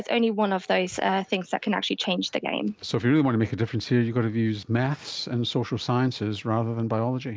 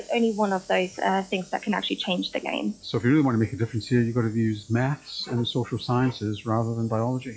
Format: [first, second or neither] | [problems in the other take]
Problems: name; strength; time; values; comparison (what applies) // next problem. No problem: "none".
first | noise reduction (classical method log-MMSE)